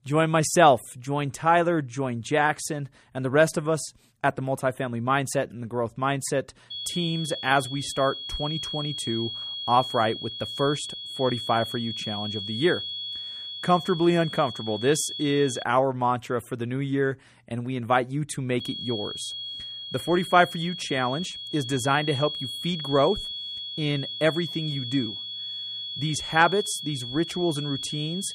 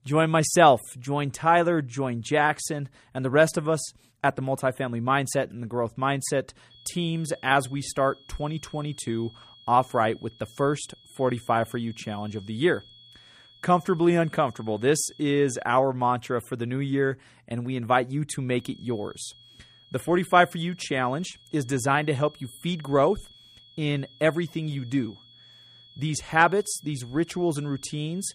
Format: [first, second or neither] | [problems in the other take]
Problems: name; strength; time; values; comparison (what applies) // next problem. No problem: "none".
second | high-pitched whine; loud; from 6.5 to 16 s and from 19 s on; 3.5 kHz, 7 dB below the speech; faint in the second